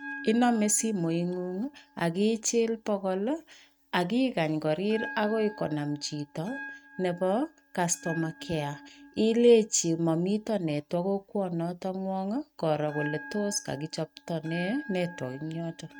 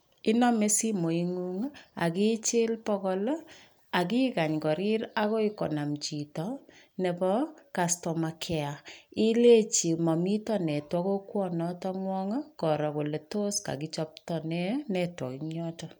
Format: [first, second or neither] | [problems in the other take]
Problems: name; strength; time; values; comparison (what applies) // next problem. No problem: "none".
second | noise reduction (neural mask model RNNoise)